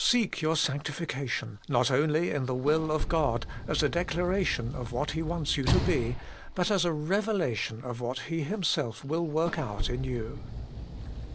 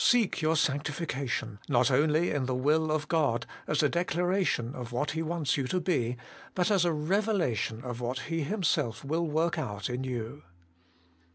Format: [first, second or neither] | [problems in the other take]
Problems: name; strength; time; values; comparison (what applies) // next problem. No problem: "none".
second | background sound (Sliding door / Slam); 7 dB below the speech